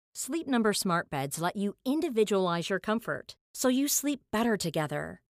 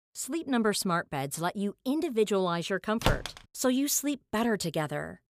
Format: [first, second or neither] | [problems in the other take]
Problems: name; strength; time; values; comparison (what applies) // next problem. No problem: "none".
first | door banging; noticeable; at 3 s; peak 1 dB below the speech